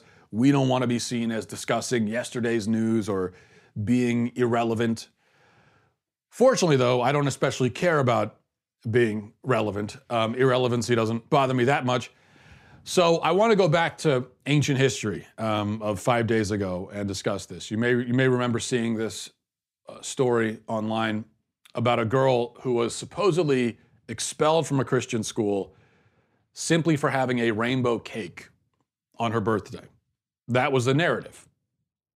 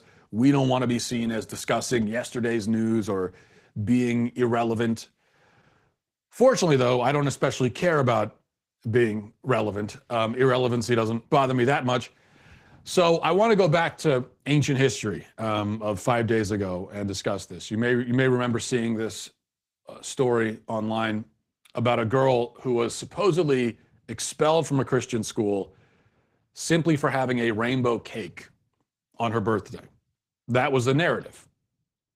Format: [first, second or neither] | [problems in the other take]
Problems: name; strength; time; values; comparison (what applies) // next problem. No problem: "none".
first | garbled, watery; slightly; nothing above 15.5 kHz